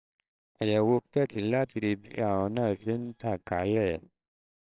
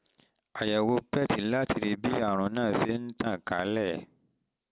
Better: second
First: noise reduction (neural separator model SepFormer WHAMR!)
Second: none

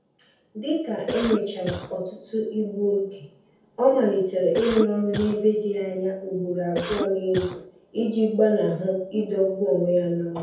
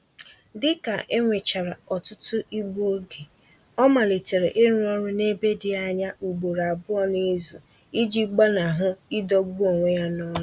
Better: second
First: background sound (Cough); 8 dB below the speech // room echo; dies away in 0.7 s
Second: none

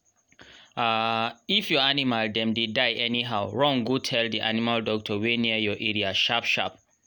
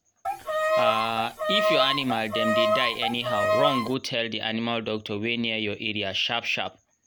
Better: first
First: none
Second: background sound (Bowed string instrument); 3 dB above the speech

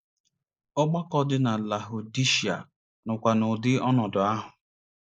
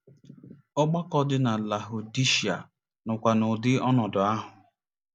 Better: second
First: noise reduction (neural mask model Resemble Enhance denoiser)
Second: none

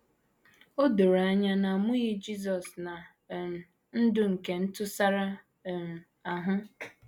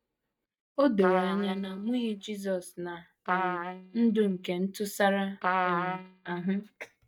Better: first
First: none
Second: noise reduction (neural mask model DeepFilterNet 3)

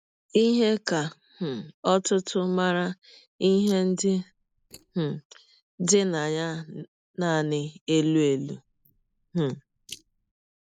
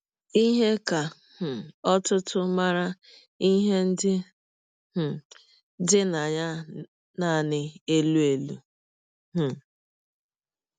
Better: second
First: noise reduction (neural mask model Resemble Enhance denoiser)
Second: none

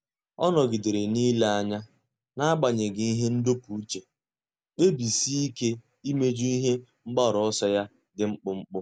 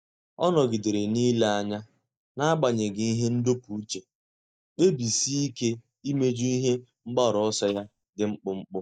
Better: first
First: none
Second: noise reduction (neural mask model DeepFilterNet 3)

